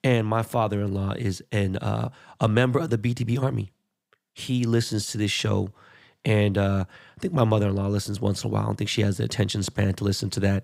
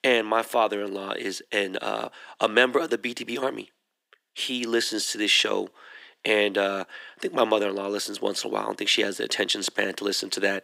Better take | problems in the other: first | thin; very; fading below 300 Hz

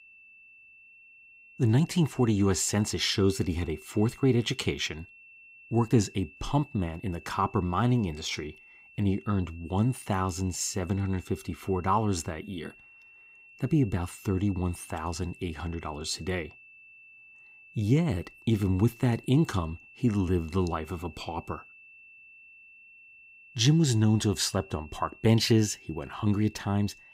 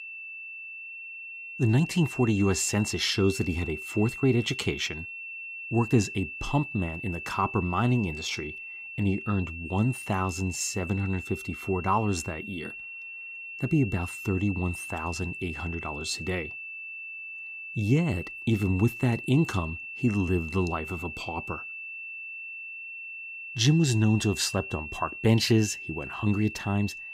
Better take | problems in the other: first | high-pitched whine; loud; throughout; 2.5 kHz, 9 dB below the speech; faint in the first

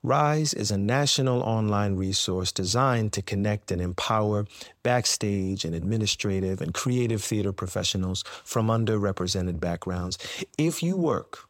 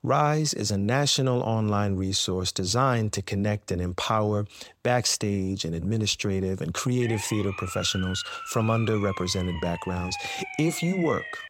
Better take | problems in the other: first | siren; noticeable; from 7 s on; peak 8 dB below the speech

